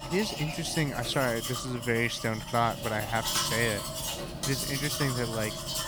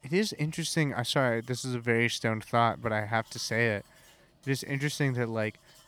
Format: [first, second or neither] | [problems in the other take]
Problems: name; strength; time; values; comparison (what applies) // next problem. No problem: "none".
second | household noises; loud; throughout; 3 dB below the speech; faint in the second